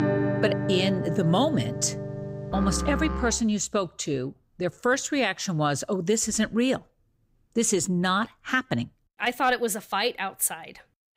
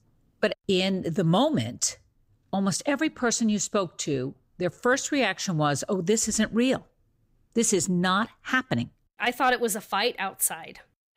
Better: second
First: background music; loud; until 3.5 s; 4 dB below the speech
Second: none

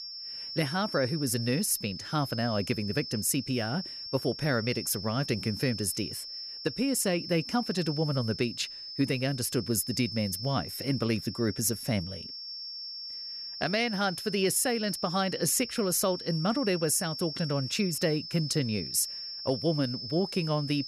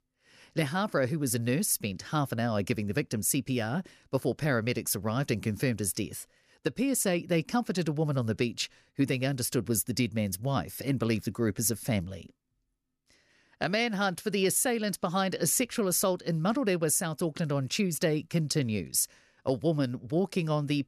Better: second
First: high-pitched whine; loud; throughout; 5.5 kHz, 8 dB below the speech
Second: none

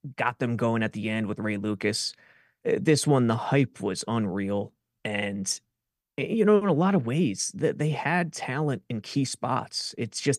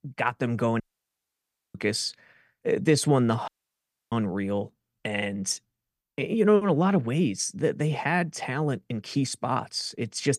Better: first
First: none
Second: audio cutting out; at 1 s for 1 s and at 3.5 s for 0.5 s

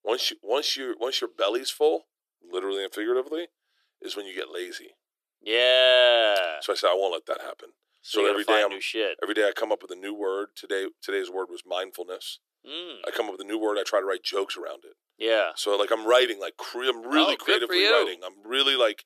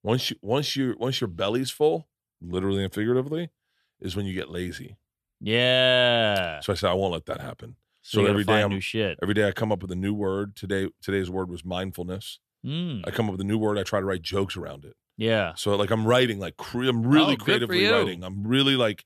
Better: second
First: thin; very; fading below 350 Hz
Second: none

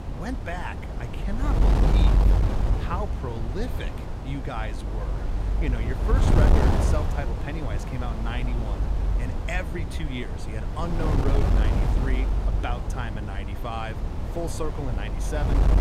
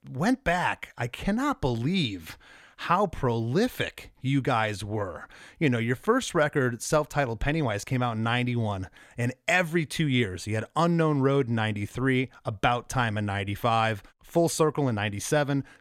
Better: second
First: wind noise on the microphone; heavy; as loud as the speech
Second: none

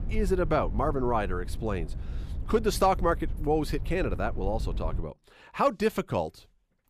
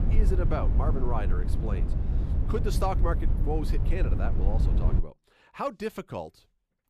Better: first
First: low rumble; faint; until 5 s; 20 dB below the speech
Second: low rumble; loud; until 5 s; 7 dB below the speech

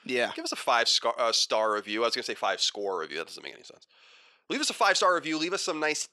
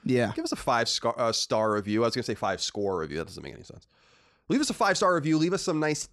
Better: second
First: thin; somewhat; fading below 450 Hz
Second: none

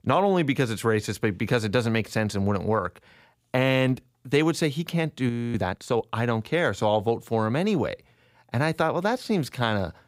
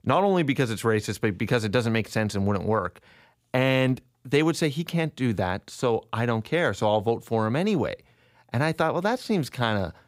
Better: second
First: audio freezing; at 5.5 s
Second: none

